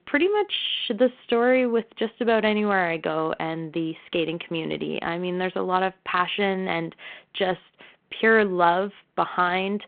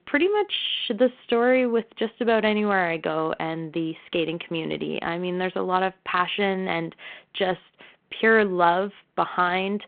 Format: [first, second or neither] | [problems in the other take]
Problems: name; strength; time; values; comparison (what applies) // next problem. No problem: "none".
neither | phone-call audio; the same in both